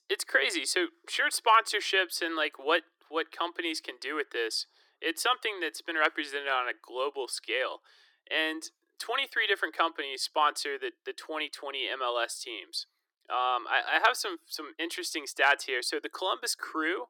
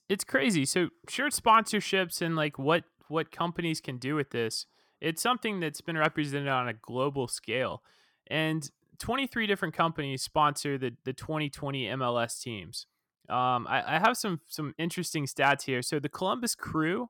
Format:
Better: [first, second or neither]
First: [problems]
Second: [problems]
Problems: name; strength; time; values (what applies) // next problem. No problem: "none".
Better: second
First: thin; very; fading below 300 Hz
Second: none